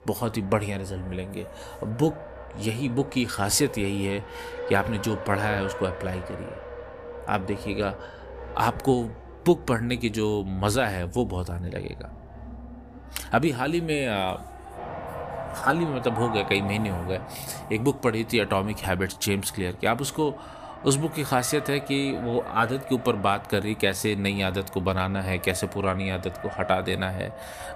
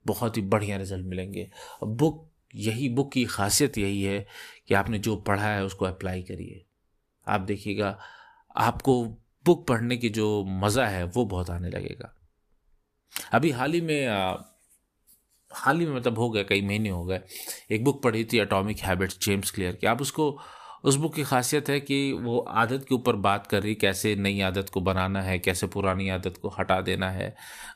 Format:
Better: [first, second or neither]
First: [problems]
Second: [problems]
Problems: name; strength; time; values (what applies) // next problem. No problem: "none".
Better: second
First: traffic noise; noticeable; throughout; 10 dB below the speech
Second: none